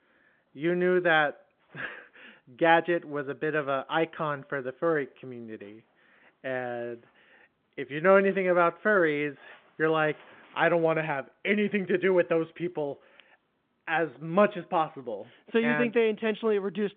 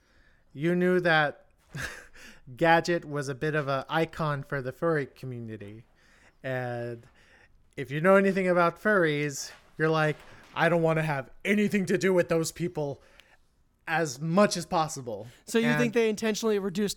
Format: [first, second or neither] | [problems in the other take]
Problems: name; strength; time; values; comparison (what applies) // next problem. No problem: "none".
second | phone-call audio; nothing above 3.5 kHz